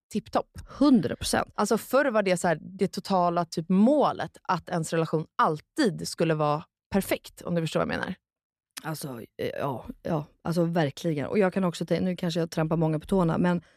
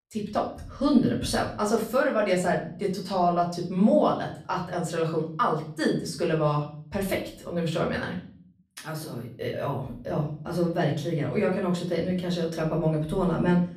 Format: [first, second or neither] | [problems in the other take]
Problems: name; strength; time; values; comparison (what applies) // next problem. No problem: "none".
first | room echo; slight; dies away in 0.5 s // off-mic speech; far